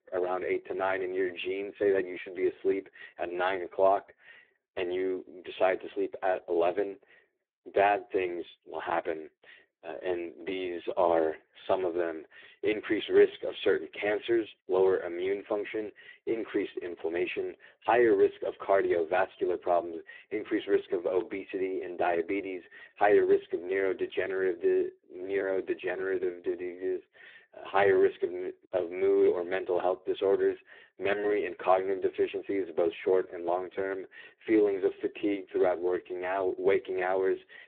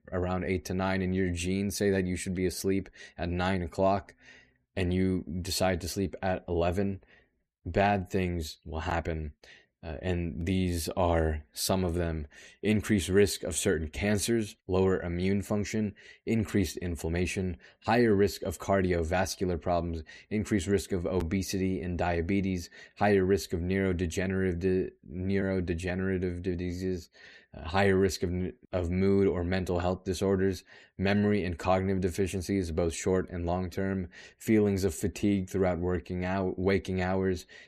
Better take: second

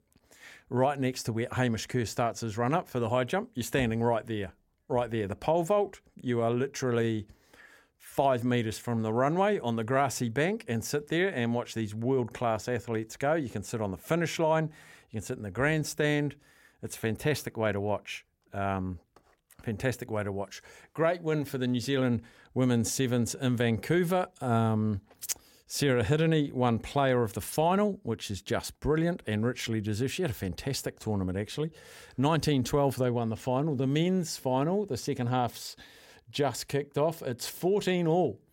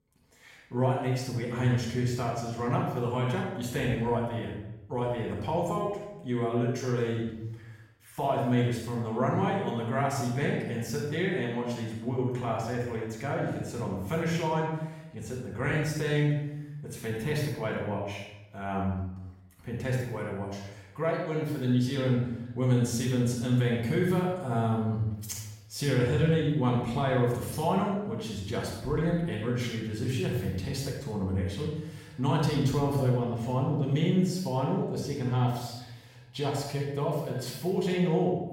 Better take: first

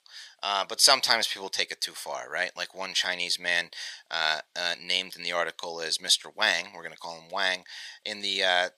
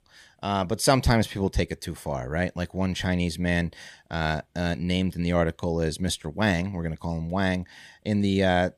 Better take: second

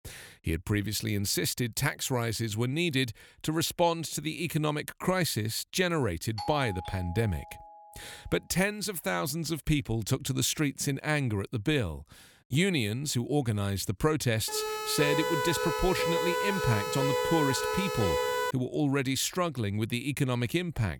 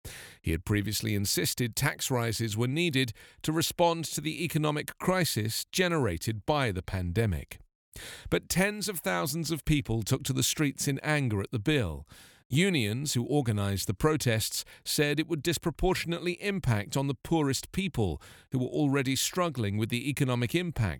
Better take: second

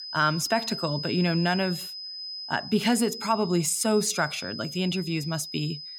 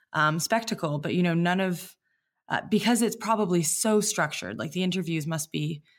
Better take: second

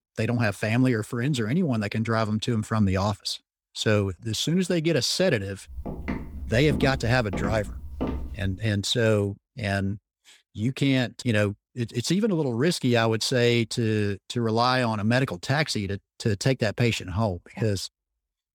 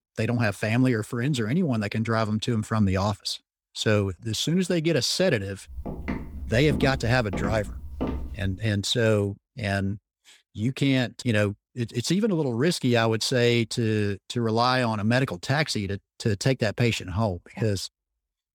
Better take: neither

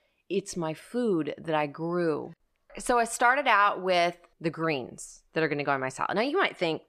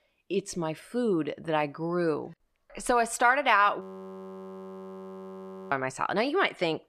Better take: first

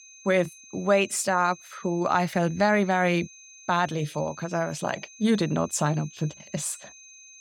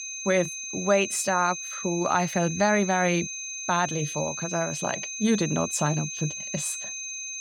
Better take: first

